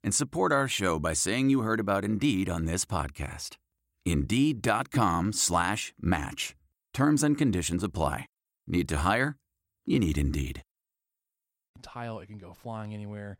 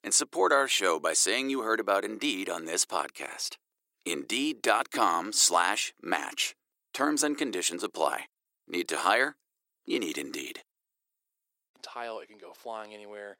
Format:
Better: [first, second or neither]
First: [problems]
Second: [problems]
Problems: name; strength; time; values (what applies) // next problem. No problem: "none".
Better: first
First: none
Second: thin; somewhat; fading below 400 Hz